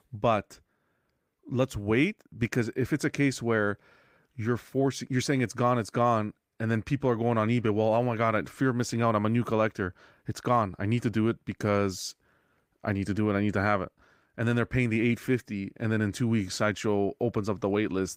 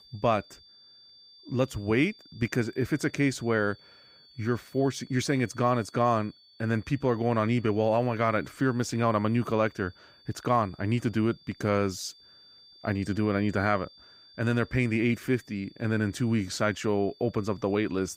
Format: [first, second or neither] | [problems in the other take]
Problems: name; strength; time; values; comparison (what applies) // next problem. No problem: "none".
first | high-pitched whine; faint; throughout; 4.5 kHz, 25 dB below the speech